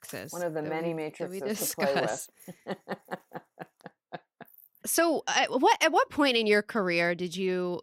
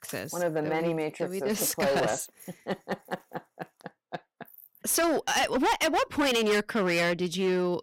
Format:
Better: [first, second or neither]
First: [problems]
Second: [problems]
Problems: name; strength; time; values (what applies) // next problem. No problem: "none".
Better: first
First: none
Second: distortion; heavy; 10% of the sound clipped